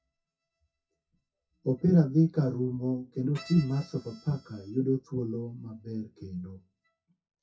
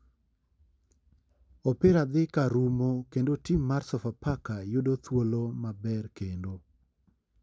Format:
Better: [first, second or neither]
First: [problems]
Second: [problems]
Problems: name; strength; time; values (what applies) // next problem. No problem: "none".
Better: second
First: noise reduction (classical method WPE with log-MMSE)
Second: none